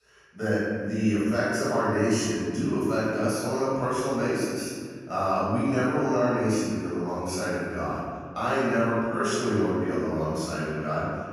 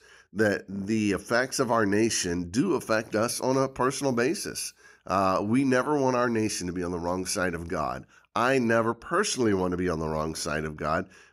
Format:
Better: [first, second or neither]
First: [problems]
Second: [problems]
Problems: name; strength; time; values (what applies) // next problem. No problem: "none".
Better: second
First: off-mic speech; far // room echo; strong; dies away in 1.9 s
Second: none